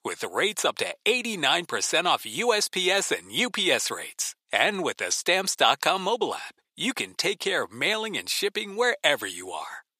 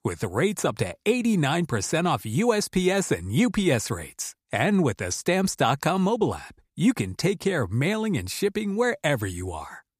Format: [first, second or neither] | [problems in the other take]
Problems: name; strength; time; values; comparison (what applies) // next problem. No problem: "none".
second | thin; somewhat; fading below 500 Hz